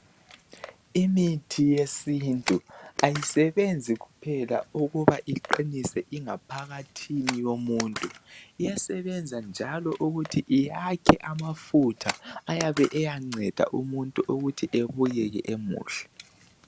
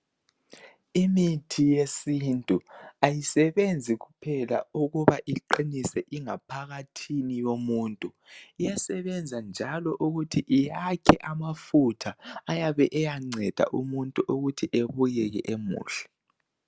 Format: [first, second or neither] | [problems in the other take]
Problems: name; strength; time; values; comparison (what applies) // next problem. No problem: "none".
second | background sound (Camera); 16 dB below the speech